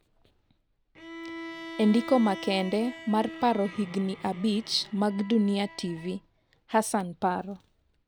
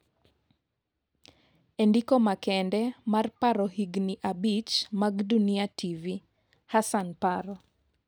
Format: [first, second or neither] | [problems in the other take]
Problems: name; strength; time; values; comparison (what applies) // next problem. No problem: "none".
second | background sound (Bowed string instrument); 15 dB below the speech